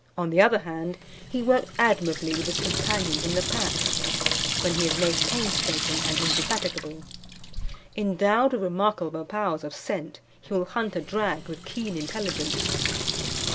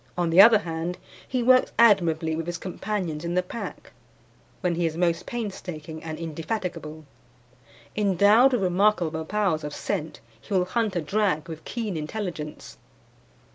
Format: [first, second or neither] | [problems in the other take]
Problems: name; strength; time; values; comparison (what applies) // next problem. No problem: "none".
second | background sound (Sink (filling or washing) / Water tap, faucet); 2 dB below the speech